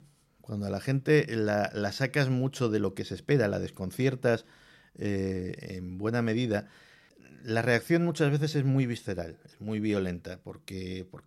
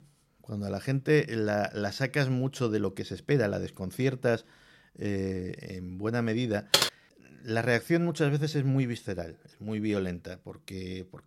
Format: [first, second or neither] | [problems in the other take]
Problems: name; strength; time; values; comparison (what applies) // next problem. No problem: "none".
first | keyboard typing; loud; at 6.5 s; peak 6 dB above the speech